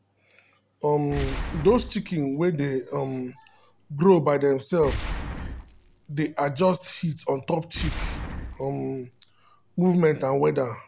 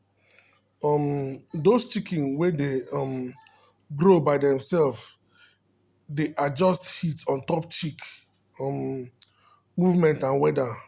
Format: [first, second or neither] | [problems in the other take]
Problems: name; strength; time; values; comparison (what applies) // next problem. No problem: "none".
second | background sound (Boom); 10 dB below the speech